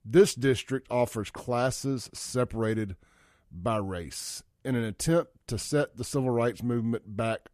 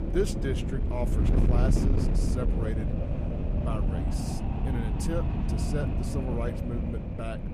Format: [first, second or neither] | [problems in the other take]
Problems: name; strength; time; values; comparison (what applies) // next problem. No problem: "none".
first | wind noise on the microphone; heavy; as loud as the speech